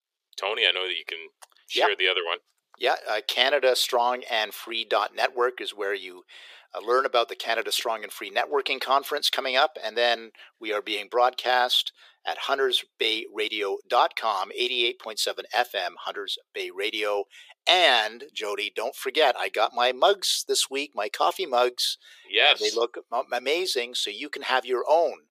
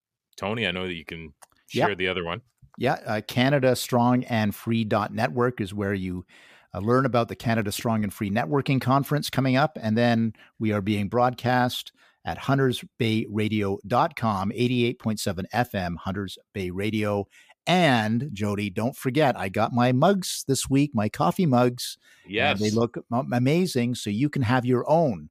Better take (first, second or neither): second